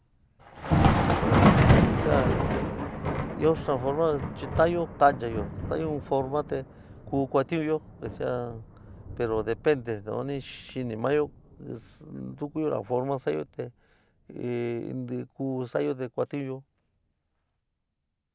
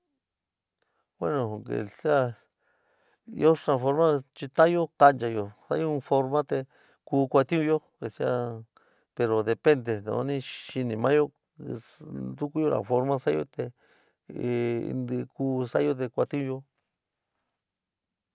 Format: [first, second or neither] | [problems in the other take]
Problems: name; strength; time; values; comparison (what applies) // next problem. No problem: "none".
second | background sound (Thunder); as loud as the speech